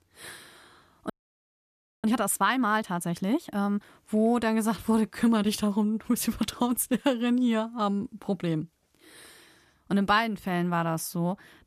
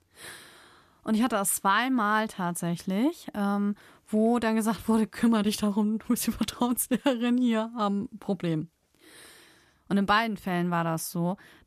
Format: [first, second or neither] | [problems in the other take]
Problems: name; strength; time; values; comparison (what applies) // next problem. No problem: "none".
second | audio freezing; at 1 s for 1 s